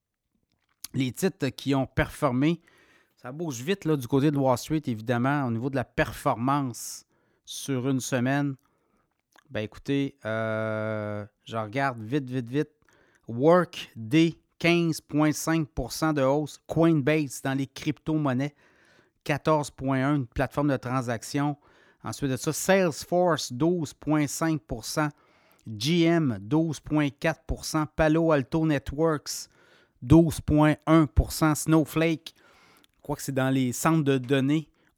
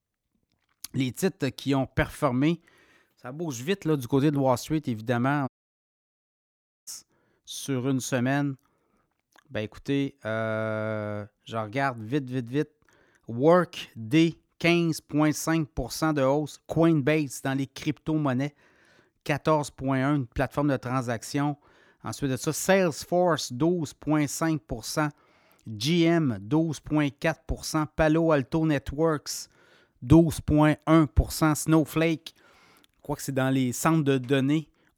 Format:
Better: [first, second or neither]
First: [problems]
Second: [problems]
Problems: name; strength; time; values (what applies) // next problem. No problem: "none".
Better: first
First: none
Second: audio cutting out; at 5.5 s for 1.5 s